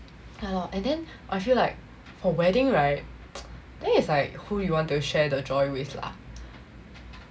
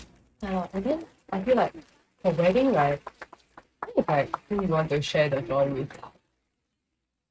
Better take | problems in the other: first | noise reduction (neural mask model RNNoise)

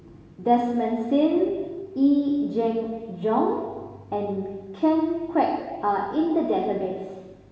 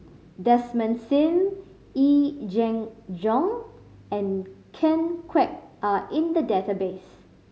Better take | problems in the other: second | room echo; dies away in 1.2 s

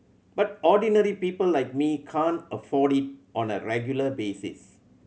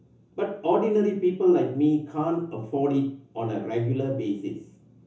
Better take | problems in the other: first | room echo; dies away in 0.7 s

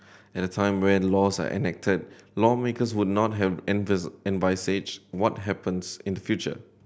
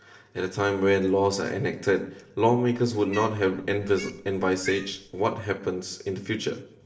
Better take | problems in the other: first | background sound (Cat); 15 dB below the speech // room echo; dies away in 0.6 s

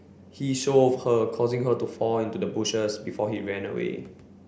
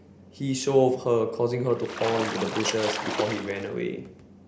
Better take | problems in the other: first | background sound (Splash, splatter); 7 dB below the speech

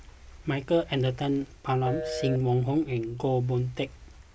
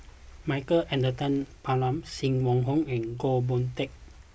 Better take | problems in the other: second | background sound (Telephone); 7 dB below the speech

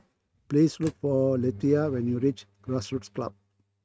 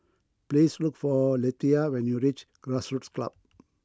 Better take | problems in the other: second | noise reduction (neural mask model RNNoise)

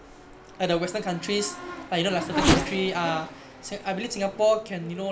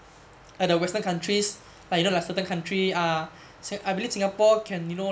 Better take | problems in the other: second | background sound (Race car, auto racing / Accelerating, revving, vroom); 3 dB below the speech

